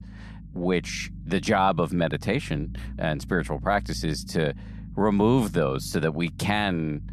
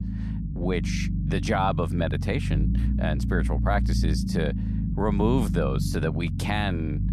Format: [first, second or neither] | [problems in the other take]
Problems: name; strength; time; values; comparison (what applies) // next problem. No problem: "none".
first | low rumble; loud; throughout; 9 dB below the speech; faint in the first